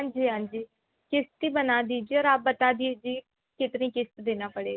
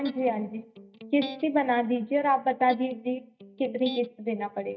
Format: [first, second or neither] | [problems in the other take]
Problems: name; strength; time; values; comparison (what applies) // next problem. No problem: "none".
first | noise reduction (neural mask model DeepFilterNet 3)